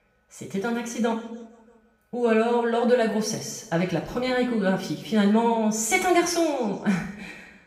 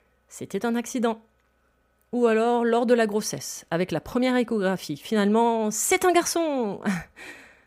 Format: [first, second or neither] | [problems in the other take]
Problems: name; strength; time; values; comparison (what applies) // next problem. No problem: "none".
second | room echo; noticeable; dies away in 0.9 s // off-mic speech; far